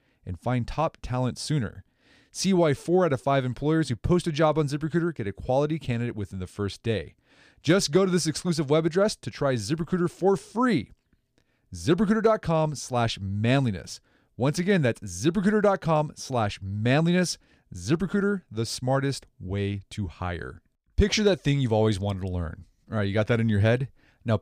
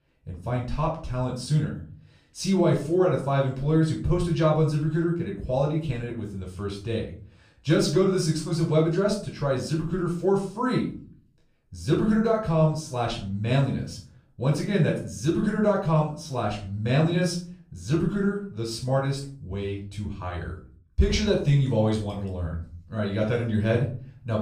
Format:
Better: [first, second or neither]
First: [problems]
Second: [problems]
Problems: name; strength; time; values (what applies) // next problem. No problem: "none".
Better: first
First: none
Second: off-mic speech; far // room echo; slight; dies away in 0.4 s